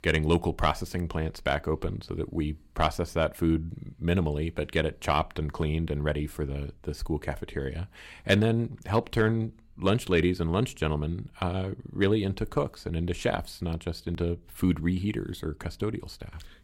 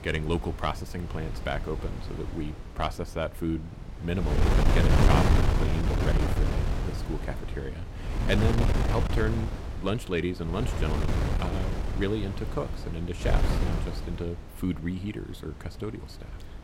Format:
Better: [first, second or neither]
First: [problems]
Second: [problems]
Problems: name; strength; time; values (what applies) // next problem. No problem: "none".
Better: first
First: none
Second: wind noise on the microphone; heavy; as loud as the speech